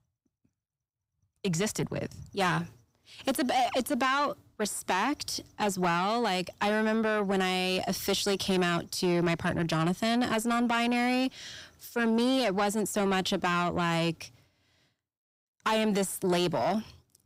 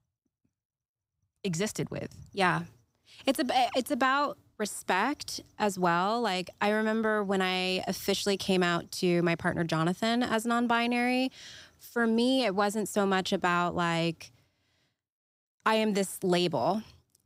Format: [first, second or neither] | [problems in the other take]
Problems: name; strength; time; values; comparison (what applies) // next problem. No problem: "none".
second | distortion; slight; 10 dB below the speech